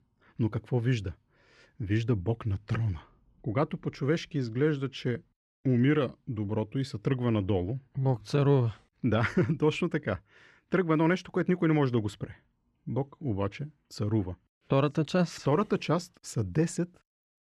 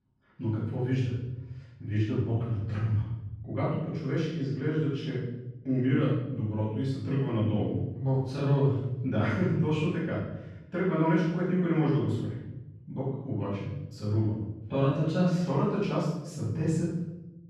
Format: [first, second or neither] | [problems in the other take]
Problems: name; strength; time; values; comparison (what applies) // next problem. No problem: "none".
first | off-mic speech; far // room echo; strong; dies away in 1 s